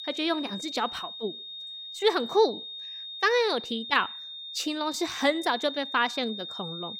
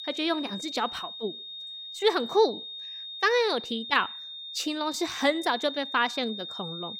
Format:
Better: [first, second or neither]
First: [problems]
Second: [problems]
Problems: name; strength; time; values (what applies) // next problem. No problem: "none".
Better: neither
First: high-pitched whine; loud; throughout; 3.5 kHz, 9 dB below the speech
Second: high-pitched whine; loud; throughout; 3.5 kHz, 9 dB below the speech